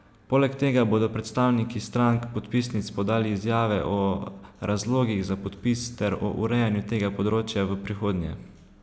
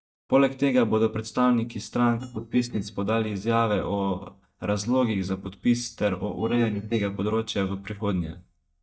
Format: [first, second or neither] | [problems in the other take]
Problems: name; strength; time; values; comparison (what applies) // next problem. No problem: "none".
first | noise reduction (neural mask model DeepFilterNet 3)